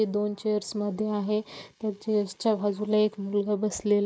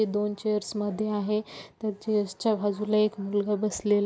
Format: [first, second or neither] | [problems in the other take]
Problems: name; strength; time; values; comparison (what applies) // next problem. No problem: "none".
second | noise reduction (neural mask model Resemble Enhance denoiser)